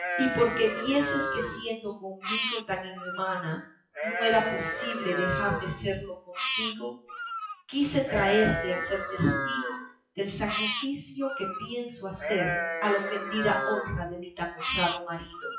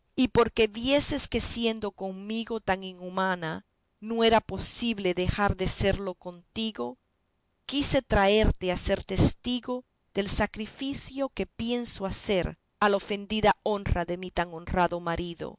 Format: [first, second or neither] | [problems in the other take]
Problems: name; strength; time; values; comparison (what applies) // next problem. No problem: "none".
second | noise reduction (classical method WPE with log-MMSE)